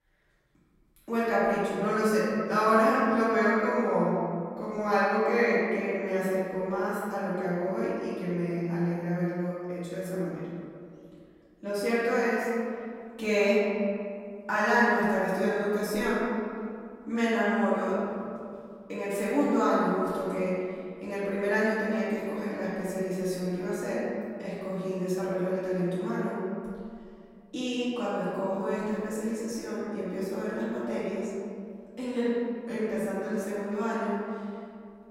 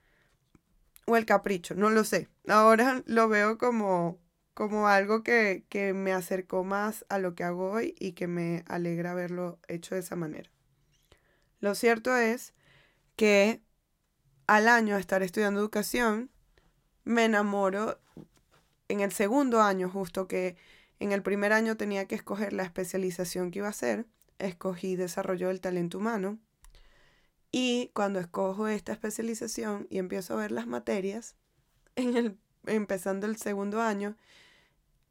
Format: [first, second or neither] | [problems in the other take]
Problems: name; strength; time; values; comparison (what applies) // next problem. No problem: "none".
second | off-mic speech; far // room echo; strong; dies away in 2.1 s